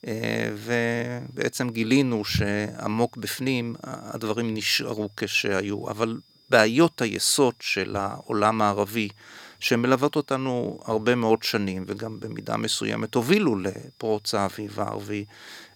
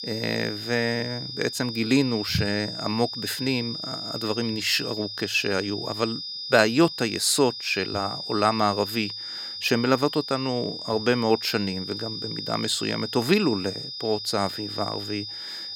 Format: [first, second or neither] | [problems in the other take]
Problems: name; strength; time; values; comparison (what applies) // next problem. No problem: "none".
first | high-pitched whine; loud; throughout; 5 kHz, 6 dB below the speech; faint in the first